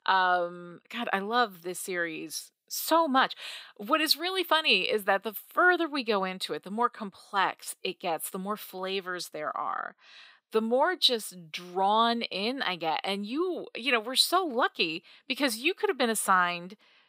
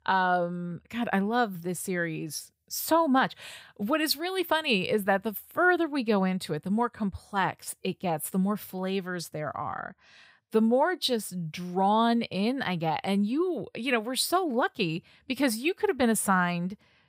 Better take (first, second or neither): second